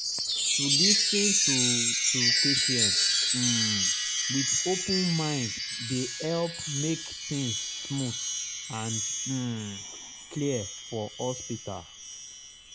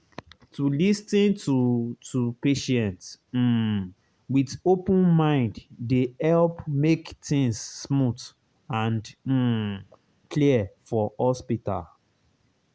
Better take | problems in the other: second | background sound (Chime); 4 dB above the speech

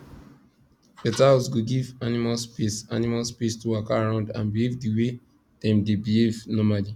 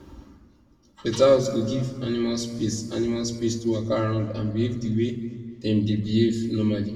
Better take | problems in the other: first | room echo; dies away in 1.6 s

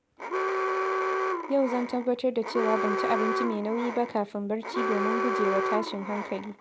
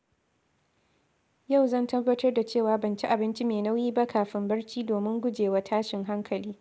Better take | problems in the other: second | background sound (Alarm); as loud as the speech

